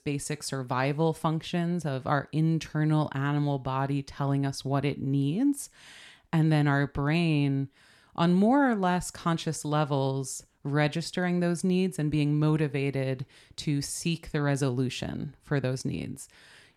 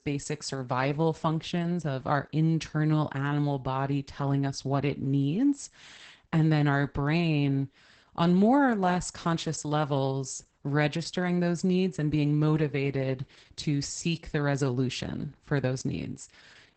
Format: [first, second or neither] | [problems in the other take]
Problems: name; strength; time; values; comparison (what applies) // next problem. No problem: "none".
first | garbled, watery; badly; nothing above 8 kHz